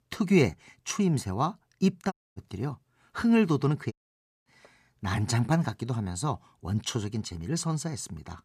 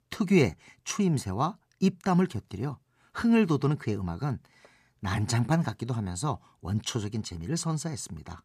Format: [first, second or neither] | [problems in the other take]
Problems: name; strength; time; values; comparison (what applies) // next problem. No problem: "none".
second | audio cutting out; at 2 s and at 4 s for 0.5 s